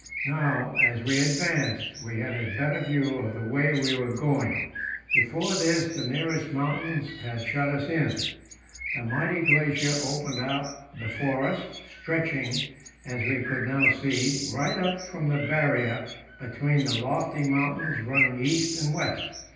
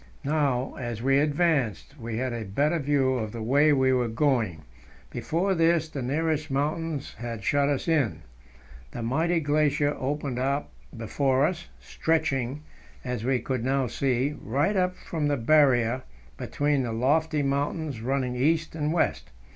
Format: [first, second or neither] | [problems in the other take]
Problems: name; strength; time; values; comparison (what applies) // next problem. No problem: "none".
second | background sound (Bird); 5 dB below the speech // room echo; dies away in 0.9 s